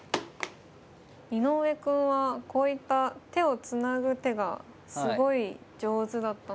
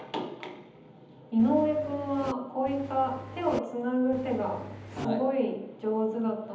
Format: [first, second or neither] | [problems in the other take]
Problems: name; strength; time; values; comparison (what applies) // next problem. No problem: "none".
first | background sound (Engine); 13 dB below the speech // room echo; dies away in 1.3 s